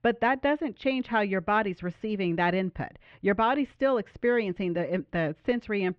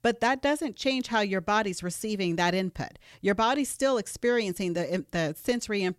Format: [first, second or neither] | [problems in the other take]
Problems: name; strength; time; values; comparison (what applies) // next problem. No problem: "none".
second | muffled; very; fading above 3 kHz